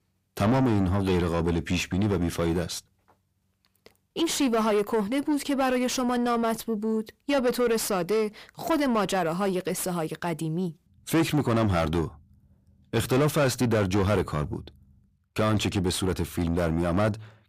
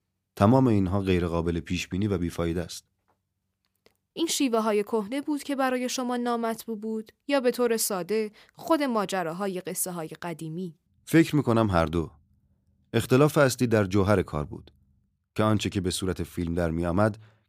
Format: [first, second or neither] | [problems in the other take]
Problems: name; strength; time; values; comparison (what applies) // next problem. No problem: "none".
second | distortion; heavy; 7 dB below the speech